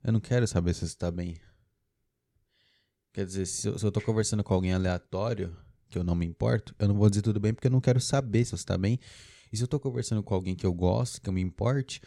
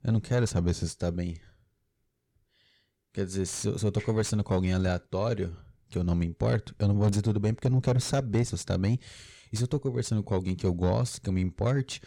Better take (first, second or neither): first